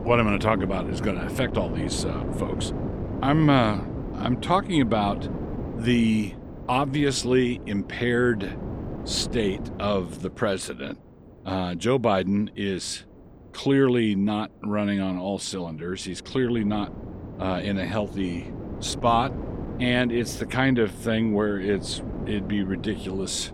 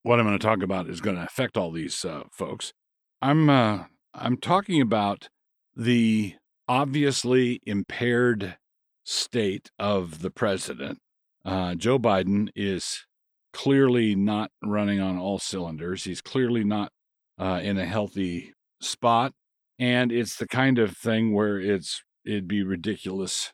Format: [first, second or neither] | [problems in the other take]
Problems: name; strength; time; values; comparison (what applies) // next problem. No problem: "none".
second | wind noise on the microphone; occasional gusts; 10 dB below the speech